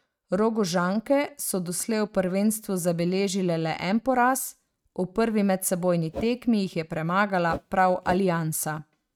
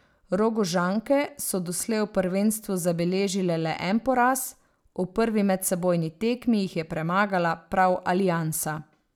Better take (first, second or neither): second